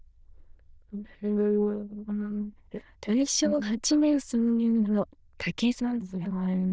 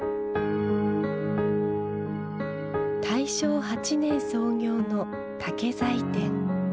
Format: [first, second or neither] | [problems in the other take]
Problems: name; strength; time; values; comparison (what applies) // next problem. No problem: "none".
second | noise reduction (neural diffusion model UNIVERSE++)